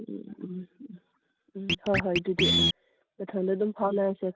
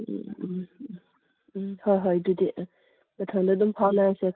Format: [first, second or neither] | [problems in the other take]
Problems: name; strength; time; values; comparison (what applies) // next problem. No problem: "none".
second | background sound (Scratching (performance technique)); 1 dB above the speech